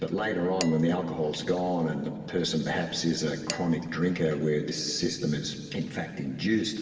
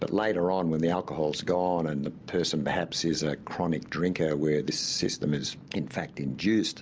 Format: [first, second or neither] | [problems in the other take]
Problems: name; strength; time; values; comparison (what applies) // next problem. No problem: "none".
second | background sound (Dishes, pots, and pans); 17 dB below the speech // room echo; dies away in 1.9 s